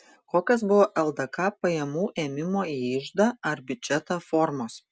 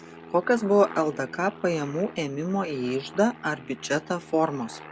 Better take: first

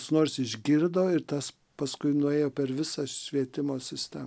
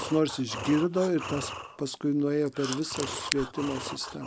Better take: first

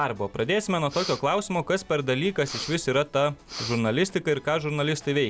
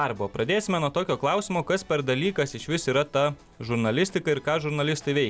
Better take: second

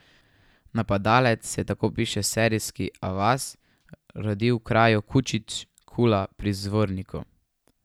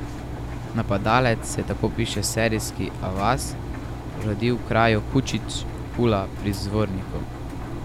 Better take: first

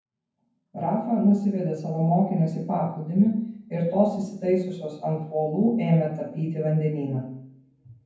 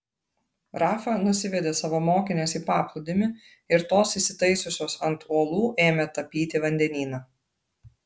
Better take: second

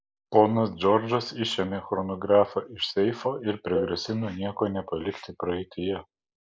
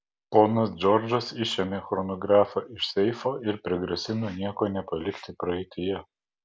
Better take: second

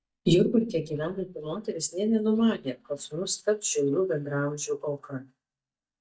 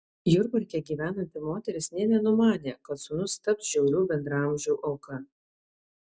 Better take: second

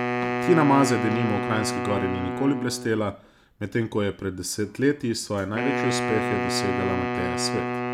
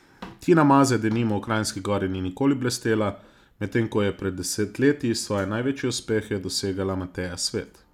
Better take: second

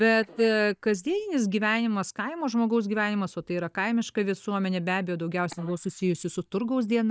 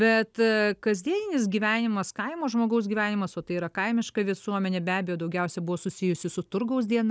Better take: second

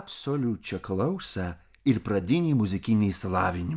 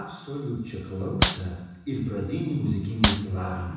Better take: first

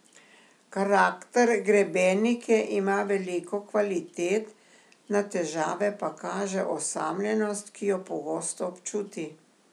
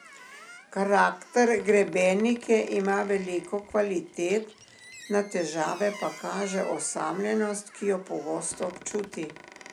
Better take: first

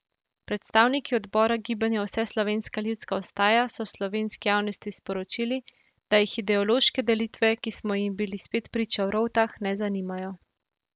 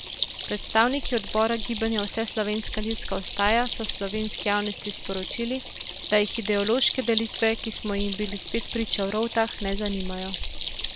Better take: first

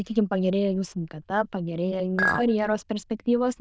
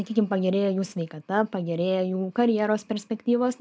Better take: second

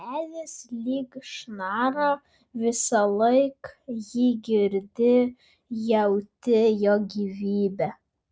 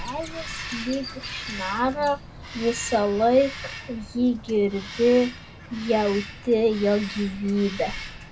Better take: first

